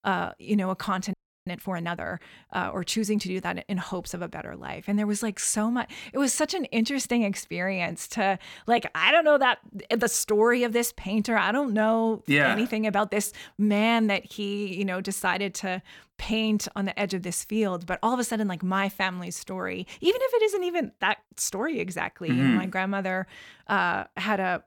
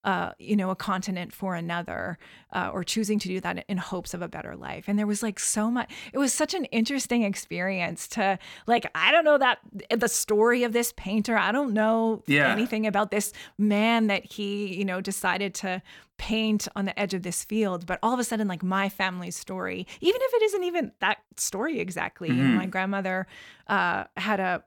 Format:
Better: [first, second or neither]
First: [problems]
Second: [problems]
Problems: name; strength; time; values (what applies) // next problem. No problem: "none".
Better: second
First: audio freezing; at 1 s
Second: none